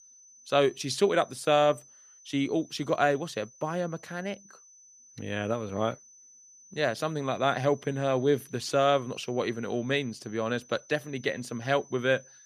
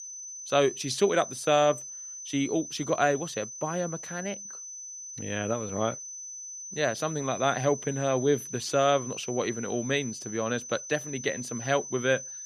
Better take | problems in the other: first | high-pitched whine; loud; throughout; 6 kHz, 9 dB below the speech; faint in the first

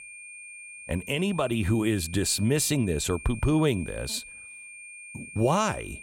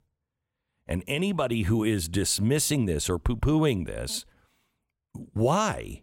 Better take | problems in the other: second | high-pitched whine; noticeable; throughout; 2.5 kHz, 15 dB below the speech

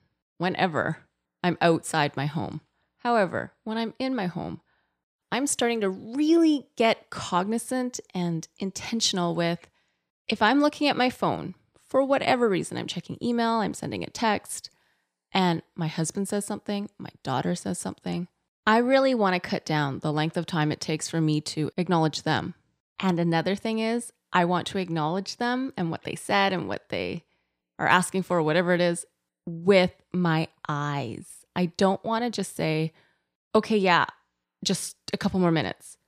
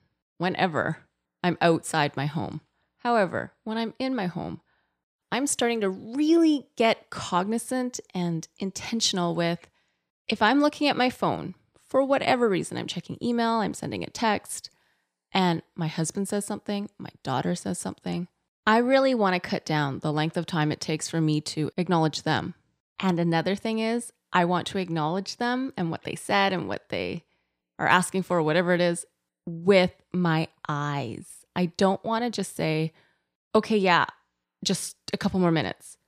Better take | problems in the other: neither | none

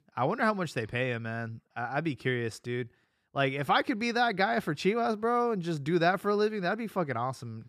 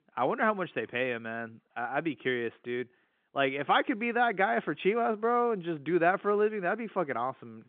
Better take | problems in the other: first | phone-call audio; nothing above 3.5 kHz

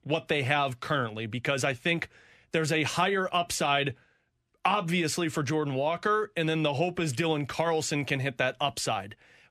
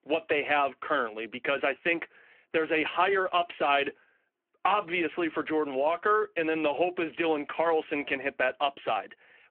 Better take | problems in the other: first | phone-call audio

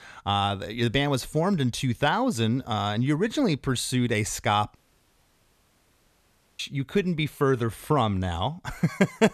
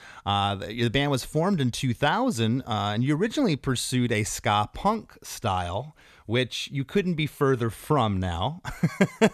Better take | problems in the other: second | audio cutting out; at 5 s for 2 s

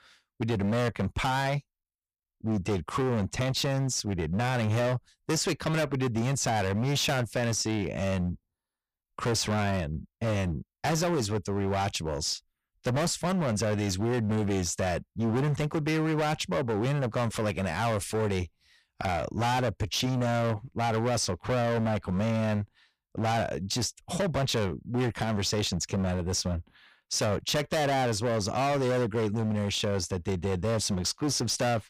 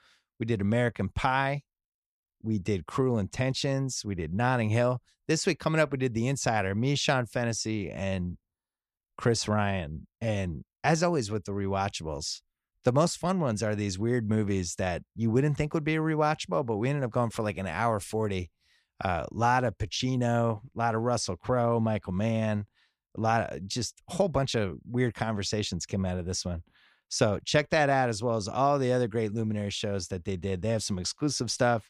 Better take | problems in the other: second | distortion; heavy; 23% of the sound clipped

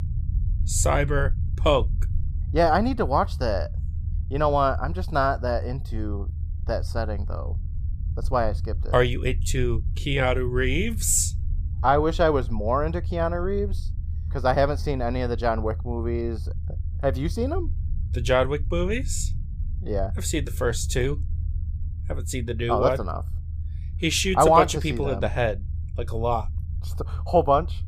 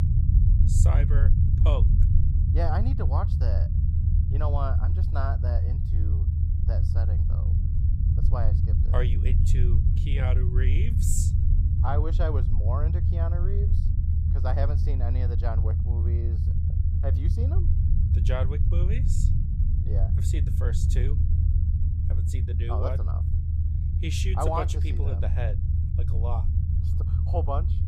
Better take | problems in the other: first | low rumble; loud; throughout; 4 dB below the speech; faint in the first

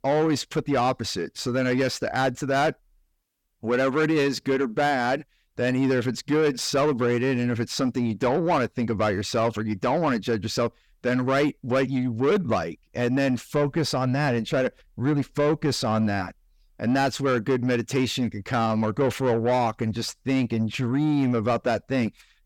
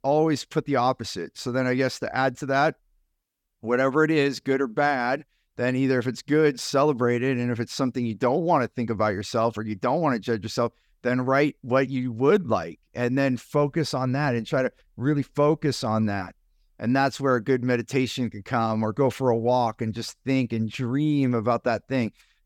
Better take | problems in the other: second | distortion; slight; 10 dB below the speech

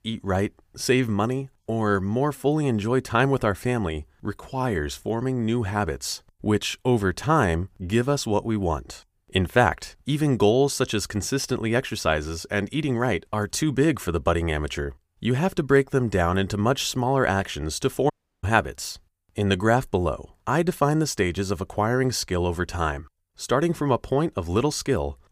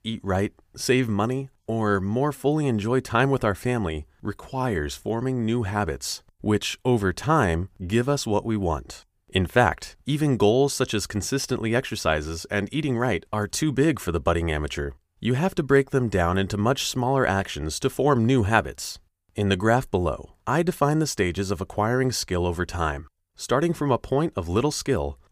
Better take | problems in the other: second | audio cutting out; at 18 s

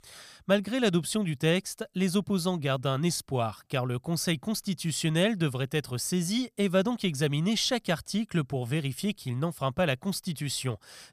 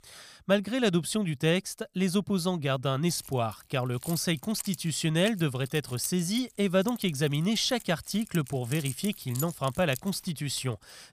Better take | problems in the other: first | jangling keys; noticeable; from 3 to 11 s; peak 9 dB below the speech

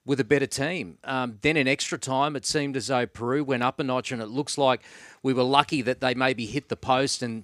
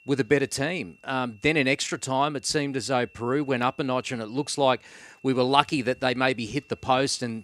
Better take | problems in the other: first | high-pitched whine; faint; throughout; 2.5 kHz, 30 dB below the speech

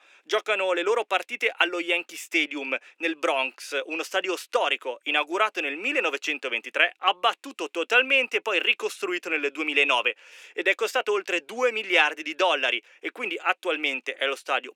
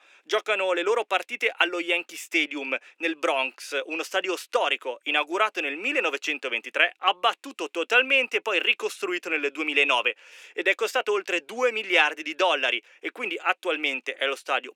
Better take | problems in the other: neither | thin; very; fading below 350 Hz; the same in both

